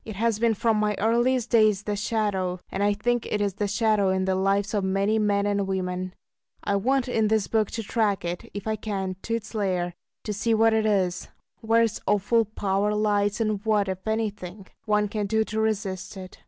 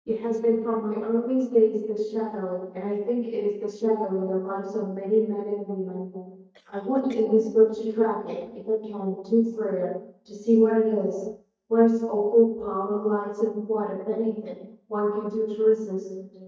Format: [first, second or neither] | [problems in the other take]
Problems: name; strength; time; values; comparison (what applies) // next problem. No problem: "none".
first | noise reduction (neural mask model DeepFilterNet 3)